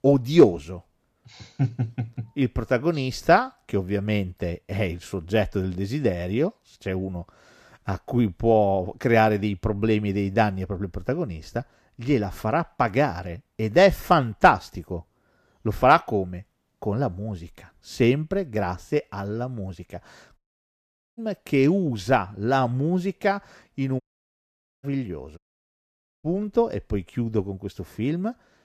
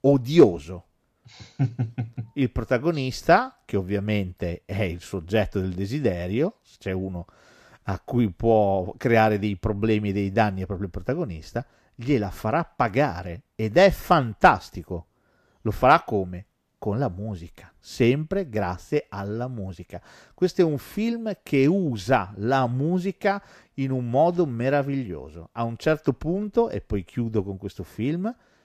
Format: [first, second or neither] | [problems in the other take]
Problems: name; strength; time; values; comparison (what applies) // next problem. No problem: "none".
second | audio cutting out; at 20 s for 1 s, at 24 s for 1 s and at 25 s for 1 s